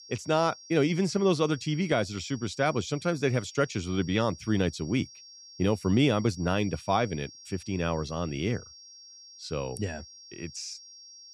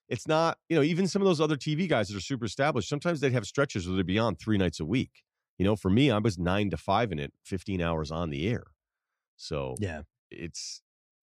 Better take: second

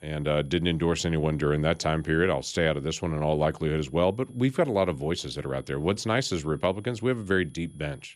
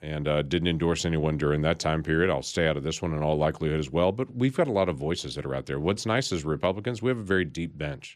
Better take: second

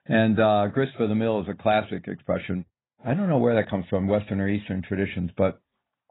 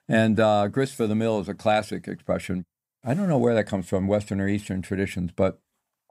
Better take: second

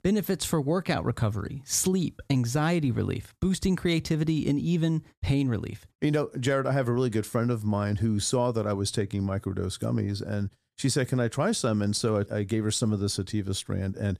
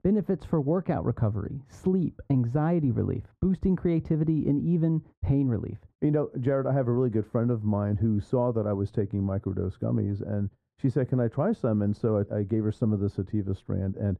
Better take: first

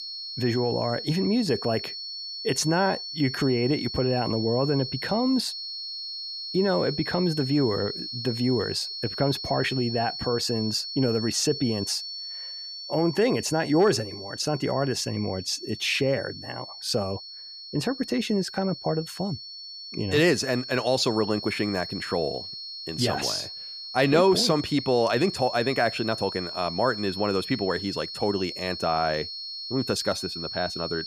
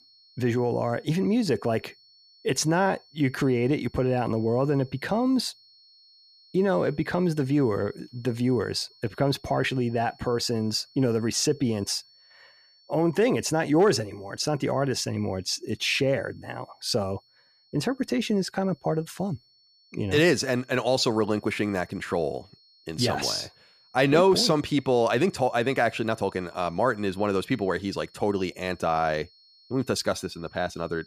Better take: second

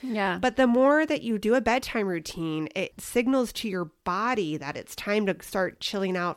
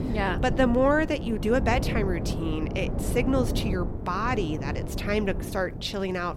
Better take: first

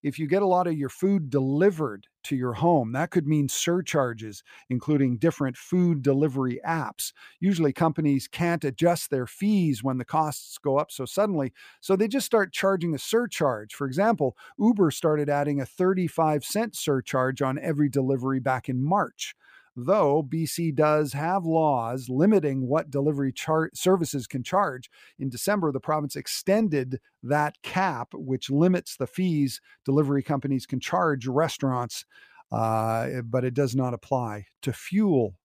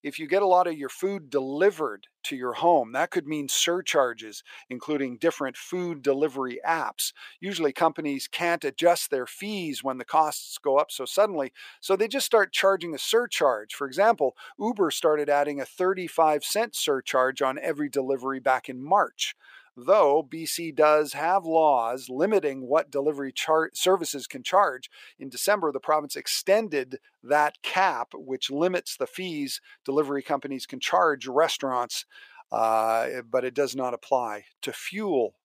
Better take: first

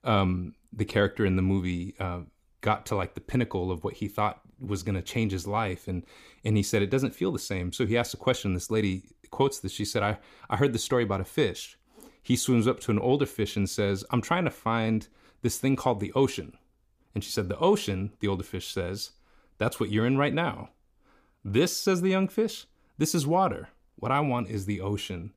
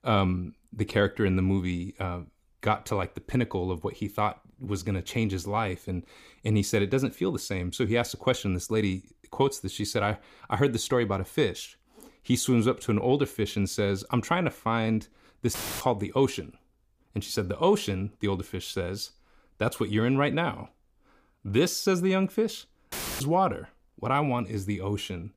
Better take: first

